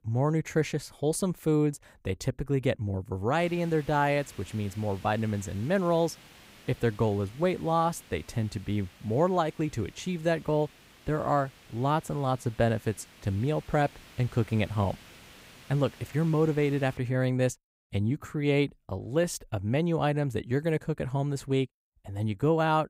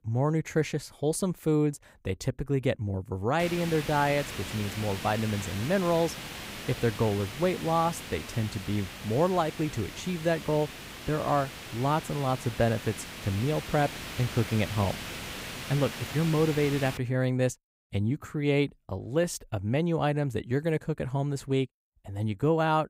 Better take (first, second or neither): first